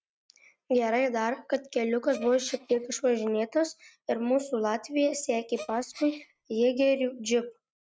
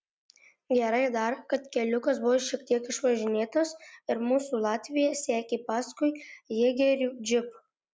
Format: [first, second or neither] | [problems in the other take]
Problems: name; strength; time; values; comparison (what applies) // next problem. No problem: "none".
second | noise reduction (neural mask model RNNoise)